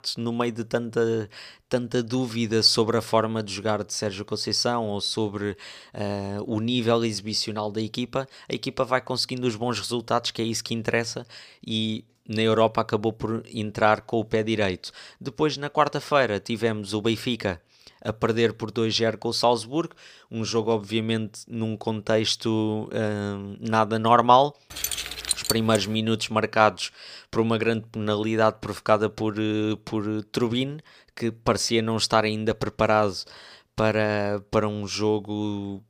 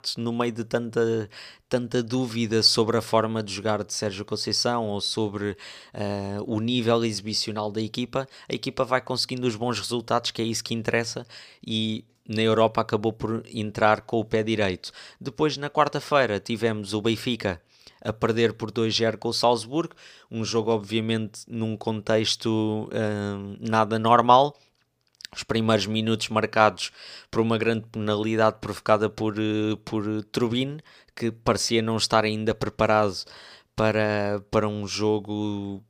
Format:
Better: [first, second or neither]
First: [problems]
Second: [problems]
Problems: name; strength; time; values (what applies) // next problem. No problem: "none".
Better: second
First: jangling keys; noticeable; from 25 to 26 s; peak level with the speech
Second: none